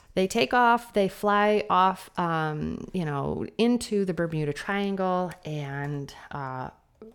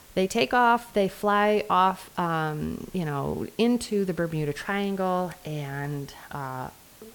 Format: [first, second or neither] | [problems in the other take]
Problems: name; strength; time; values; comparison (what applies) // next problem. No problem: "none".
first | hiss; faint; throughout; 25 dB below the speech